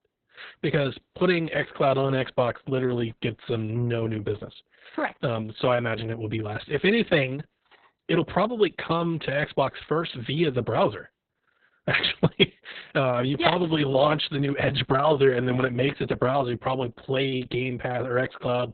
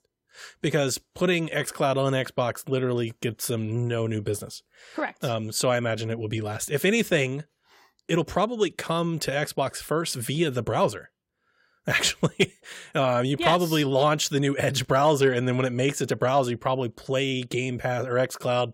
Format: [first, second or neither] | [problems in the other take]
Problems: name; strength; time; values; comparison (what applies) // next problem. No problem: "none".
second | garbled, watery; badly; nothing above 4 kHz